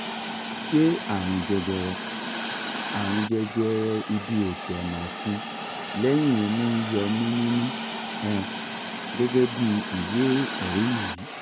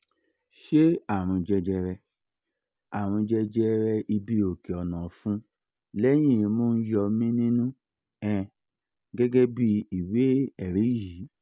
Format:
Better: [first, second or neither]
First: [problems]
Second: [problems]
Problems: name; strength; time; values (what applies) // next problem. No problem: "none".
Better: second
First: background sound (Hiss); 6 dB below the speech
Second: none